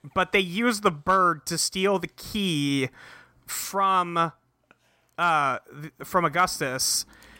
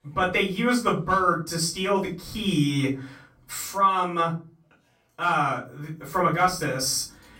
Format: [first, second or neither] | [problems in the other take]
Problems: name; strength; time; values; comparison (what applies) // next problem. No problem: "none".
first | off-mic speech; far // room echo; slight; dies away in 0.4 s